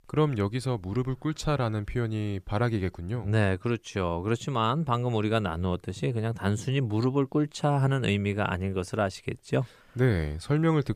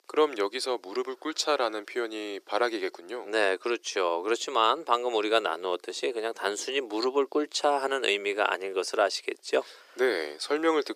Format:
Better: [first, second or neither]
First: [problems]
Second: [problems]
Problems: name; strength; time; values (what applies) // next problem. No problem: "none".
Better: first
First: none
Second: thin; very; fading below 350 Hz